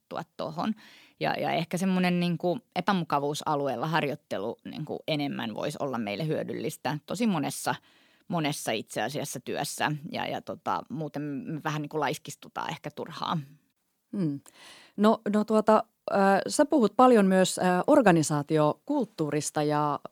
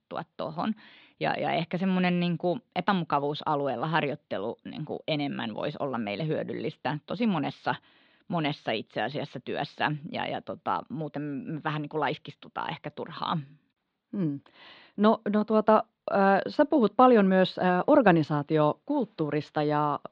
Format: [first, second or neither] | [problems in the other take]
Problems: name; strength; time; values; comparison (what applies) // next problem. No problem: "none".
first | muffled; slightly; fading above 4 kHz